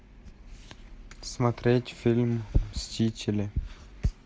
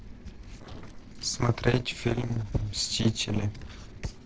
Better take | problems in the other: first | noise reduction (neural separator model SepFormer DNS4)

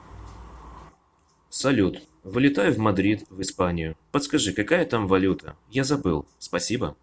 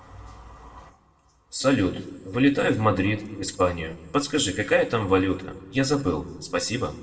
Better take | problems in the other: first | room echo; dies away in 1 s

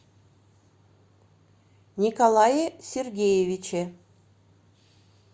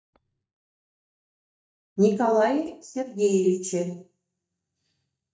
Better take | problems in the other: first | noise reduction (neural mask model DeepFilterNet 3)

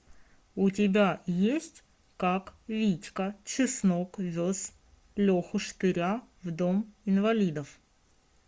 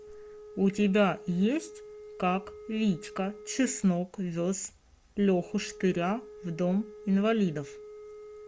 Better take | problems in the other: first | background sound (Wind instrument, woodwind instrument); 17 dB below the speech

